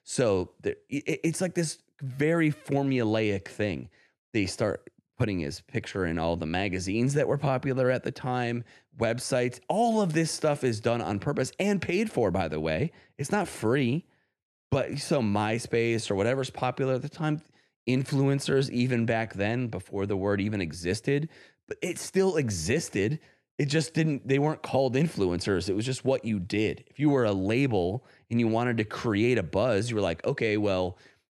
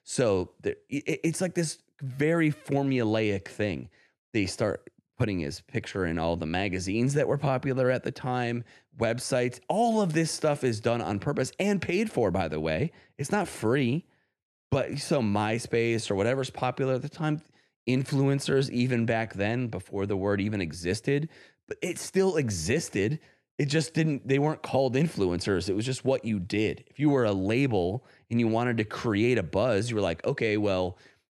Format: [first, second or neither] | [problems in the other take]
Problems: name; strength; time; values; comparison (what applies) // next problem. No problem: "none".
neither | none